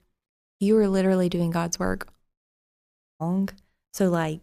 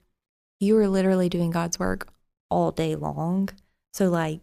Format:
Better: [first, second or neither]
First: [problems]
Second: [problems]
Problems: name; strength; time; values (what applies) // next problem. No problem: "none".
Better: second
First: audio cutting out; at 2.5 s for 1 s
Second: none